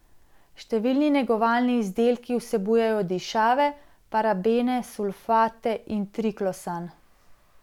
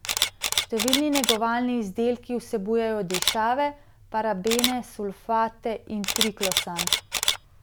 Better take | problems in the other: first | background sound (Camera); 3 dB below the speech

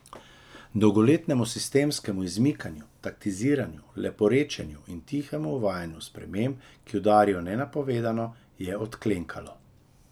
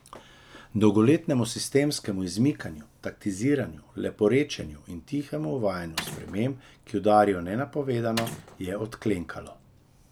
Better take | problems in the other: first | background sound (Mechanisms); 11 dB below the speech

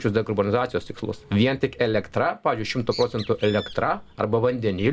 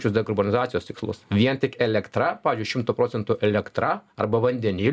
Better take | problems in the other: second | background sound (Bird); 19 dB below the speech

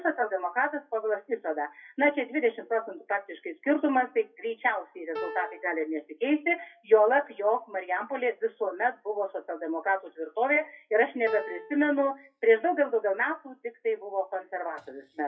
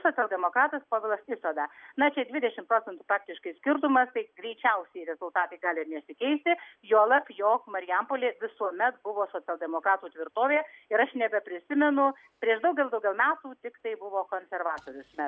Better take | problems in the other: second | noise reduction (classical method WPE with log-MMSE)

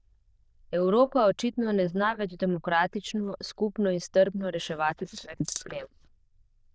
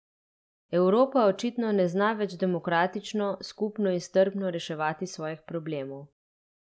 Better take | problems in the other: second | noise reduction (neural diffusion model UNIVERSE++)

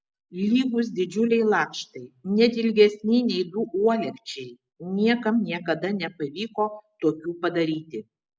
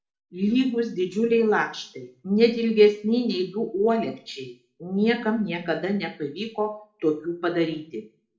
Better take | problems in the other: first | room echo; dies away in 0.4 s

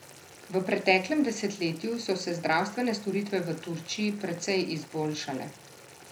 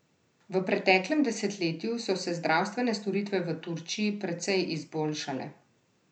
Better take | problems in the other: second | background sound (Boiling); 20 dB below the speech

